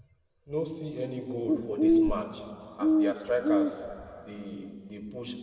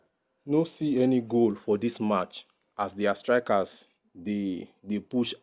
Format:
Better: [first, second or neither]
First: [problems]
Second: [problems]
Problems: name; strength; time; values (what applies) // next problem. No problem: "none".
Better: second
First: background sound (Bird); 5 dB above the speech // room echo; dies away in 2.5 s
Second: none